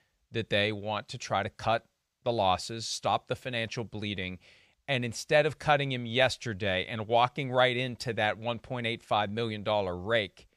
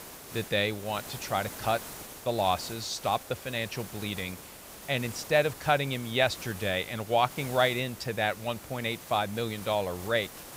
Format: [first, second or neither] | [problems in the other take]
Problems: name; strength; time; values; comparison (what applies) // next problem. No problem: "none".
first | hiss; noticeable; throughout; 15 dB below the speech